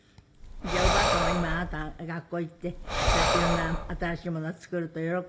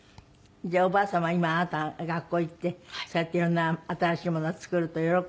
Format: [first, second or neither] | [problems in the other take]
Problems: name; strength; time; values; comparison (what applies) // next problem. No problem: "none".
second | background sound (Breathing); 4 dB above the speech // room echo; dies away in 0.6 s